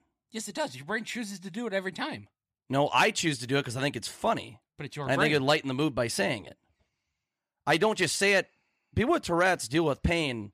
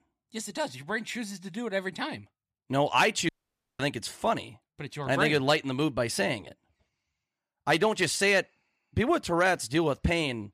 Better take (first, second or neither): first